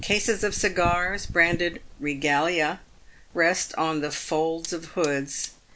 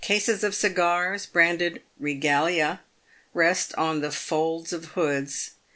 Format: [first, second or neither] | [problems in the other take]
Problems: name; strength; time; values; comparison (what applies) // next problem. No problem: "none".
second | background sound (Fire); 12 dB below the speech